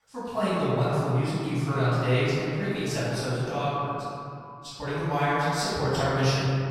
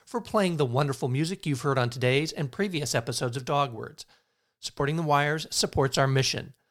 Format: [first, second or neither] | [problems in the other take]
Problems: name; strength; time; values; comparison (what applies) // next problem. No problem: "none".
second | off-mic speech; far // room echo; strong; dies away in 2.6 s